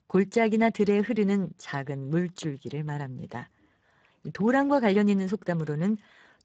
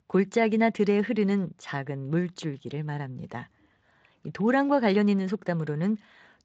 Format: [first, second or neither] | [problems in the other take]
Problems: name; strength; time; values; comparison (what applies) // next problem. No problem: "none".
second | garbled, watery; badly; nothing above 7.5 kHz; slightly in the second